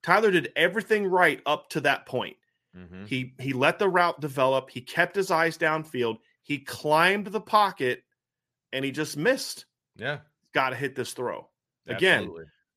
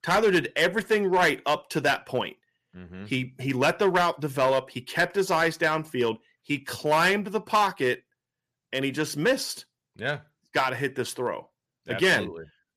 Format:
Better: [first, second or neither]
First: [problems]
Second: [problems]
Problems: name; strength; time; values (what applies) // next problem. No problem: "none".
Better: first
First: none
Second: distortion; slight; 3% of the sound clipped